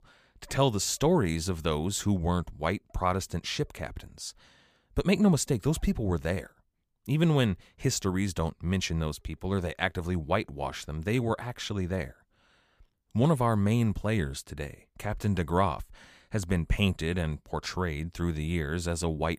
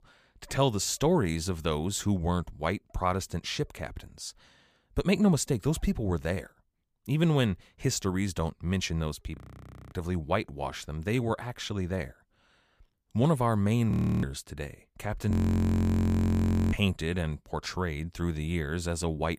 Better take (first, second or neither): first